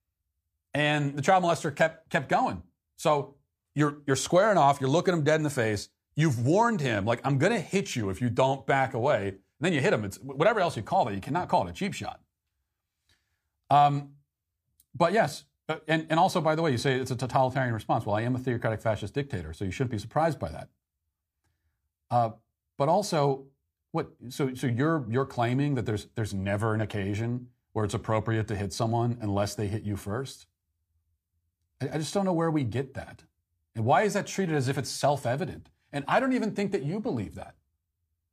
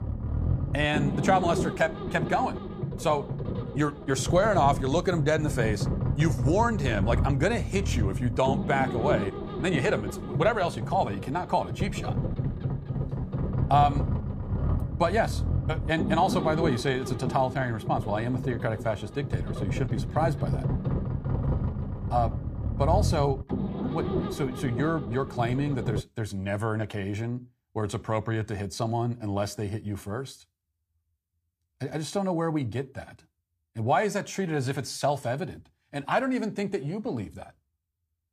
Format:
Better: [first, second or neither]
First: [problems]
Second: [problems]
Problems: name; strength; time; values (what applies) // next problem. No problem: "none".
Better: first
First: none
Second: low rumble; loud; until 26 s; 10 dB below the speech